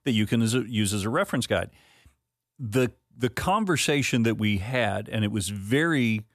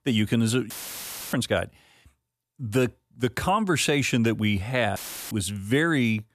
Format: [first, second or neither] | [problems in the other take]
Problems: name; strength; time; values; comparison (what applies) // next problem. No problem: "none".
first | audio cutting out; filled with static; at 0.5 s for 0.5 s and at 5 s